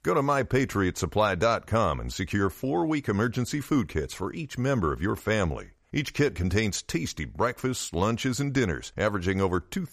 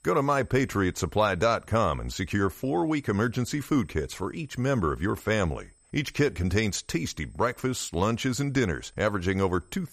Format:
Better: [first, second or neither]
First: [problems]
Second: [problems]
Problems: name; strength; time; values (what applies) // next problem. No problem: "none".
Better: first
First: none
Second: high-pitched whine; faint; throughout; 8 kHz, 35 dB below the speech